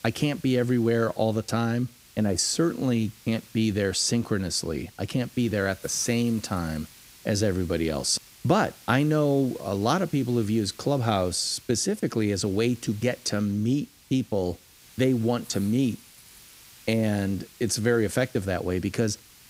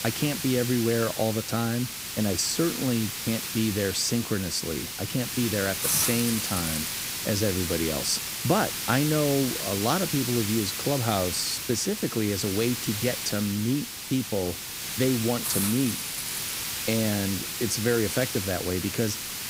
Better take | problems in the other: first | hiss; loud; throughout; 2 dB below the speech; faint in the first

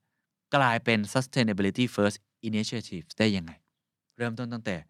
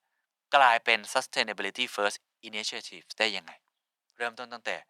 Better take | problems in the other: first | thin; very; fading below 750 Hz

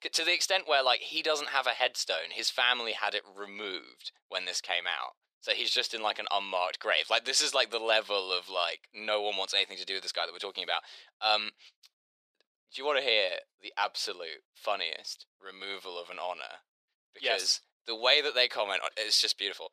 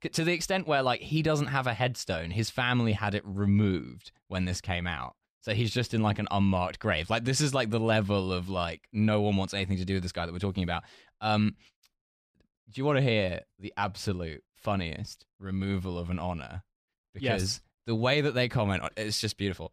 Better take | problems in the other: second | thin; very; fading below 450 Hz

